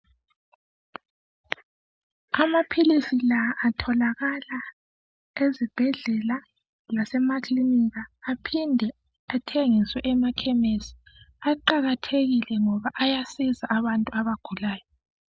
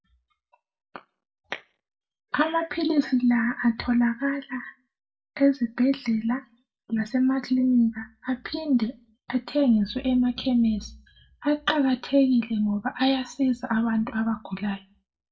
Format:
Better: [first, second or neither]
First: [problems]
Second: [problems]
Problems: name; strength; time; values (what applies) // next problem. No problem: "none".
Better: first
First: none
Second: room echo; dies away in 0.2 s